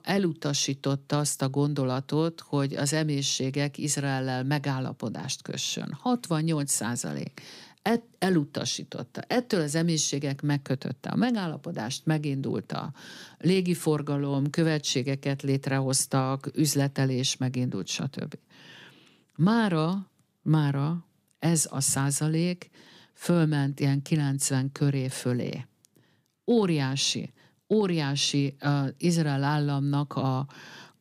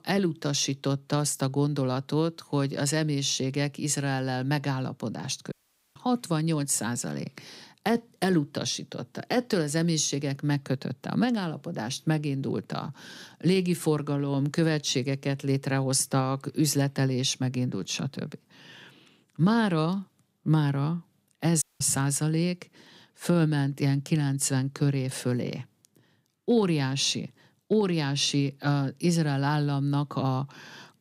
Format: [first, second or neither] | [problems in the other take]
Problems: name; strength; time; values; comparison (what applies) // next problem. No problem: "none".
first | audio cutting out; at 5.5 s and at 22 s